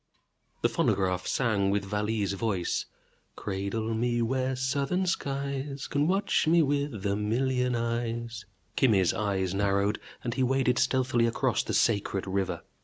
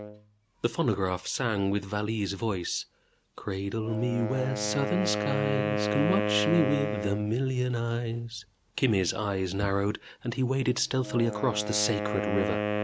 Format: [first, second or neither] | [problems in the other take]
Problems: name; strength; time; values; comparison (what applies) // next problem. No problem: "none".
first | background sound (Wind instrument, woodwind instrument); 5 dB below the speech